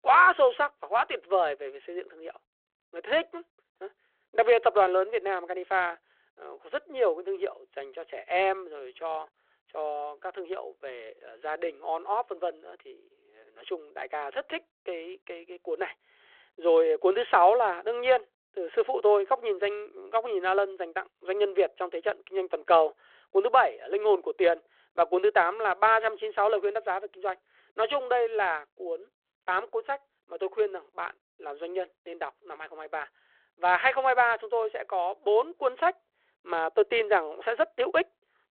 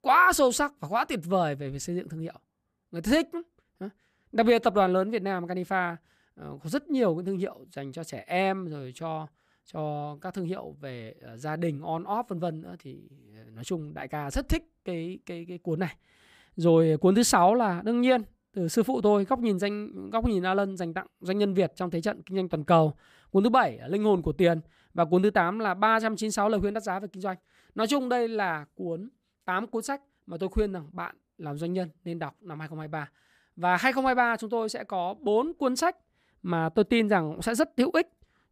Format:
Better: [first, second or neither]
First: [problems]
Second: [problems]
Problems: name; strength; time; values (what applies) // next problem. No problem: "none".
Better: second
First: phone-call audio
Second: none